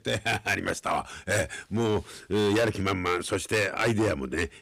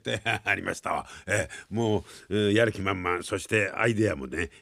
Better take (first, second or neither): second